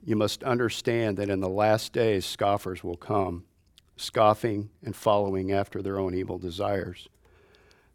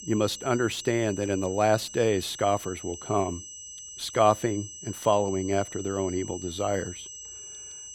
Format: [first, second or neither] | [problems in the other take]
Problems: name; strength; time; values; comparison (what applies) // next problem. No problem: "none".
first | high-pitched whine; noticeable; throughout; 6 kHz, 10 dB below the speech